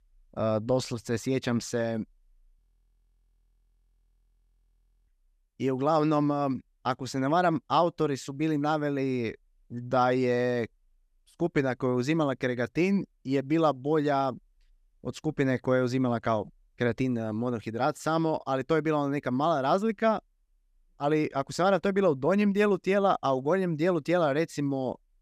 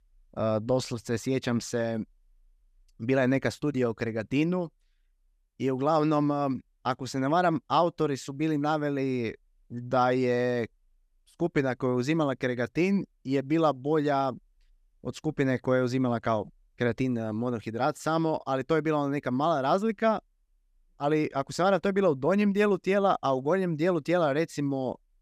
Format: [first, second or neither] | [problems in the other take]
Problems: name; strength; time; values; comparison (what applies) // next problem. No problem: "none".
second | audio freezing; at 2.5 s for 2.5 s